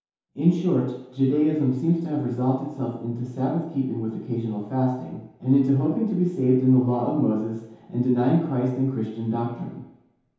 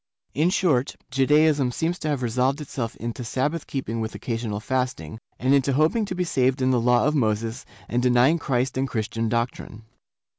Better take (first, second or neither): second